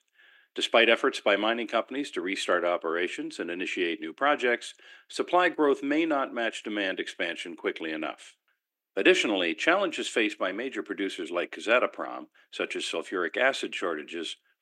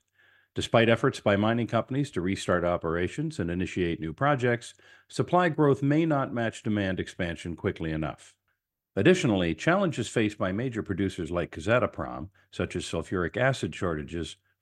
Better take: second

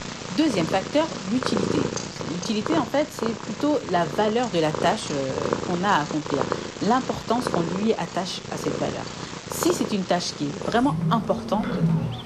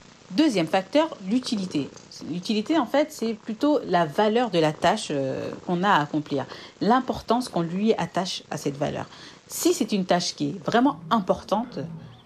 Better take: second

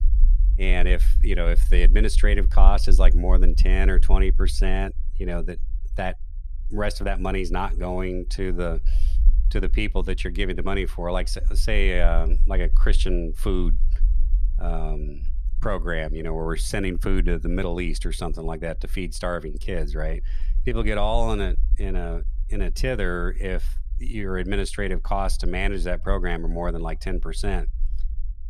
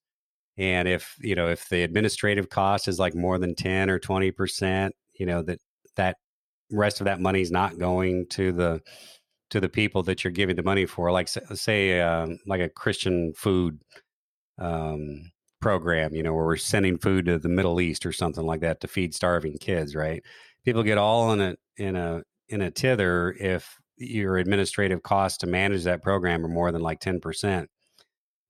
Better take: second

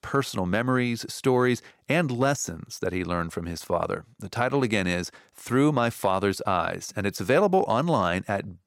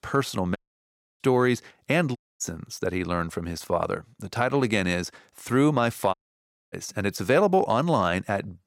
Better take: first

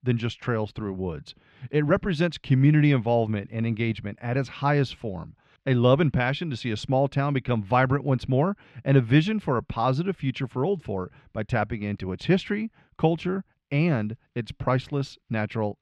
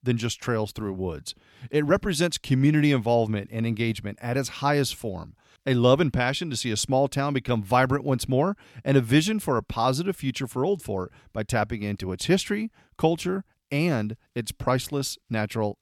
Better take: second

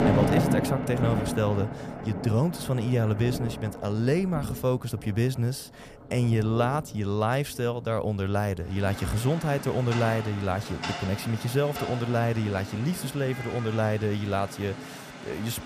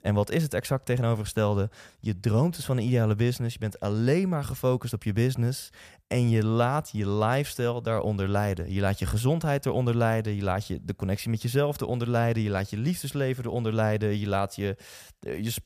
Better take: second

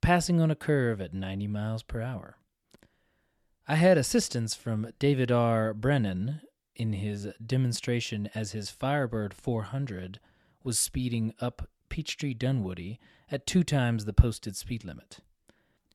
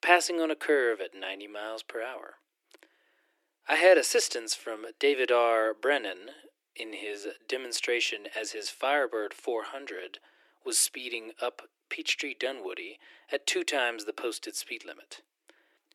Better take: first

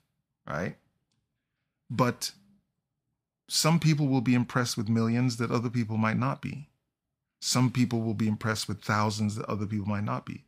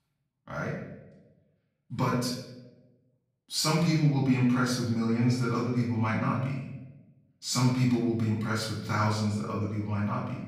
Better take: first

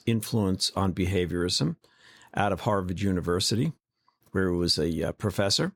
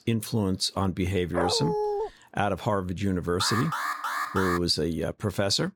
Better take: first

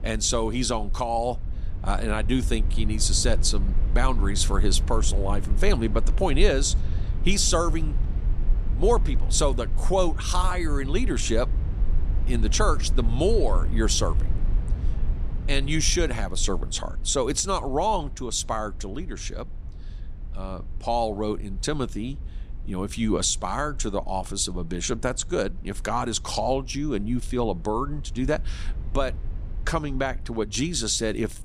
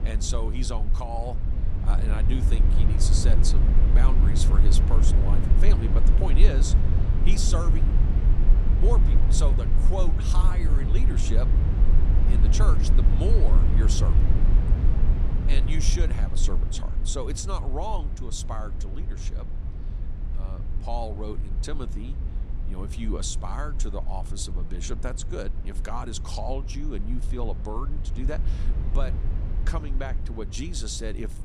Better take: first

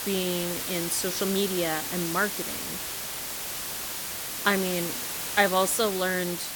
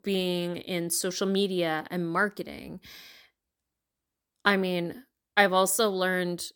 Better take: second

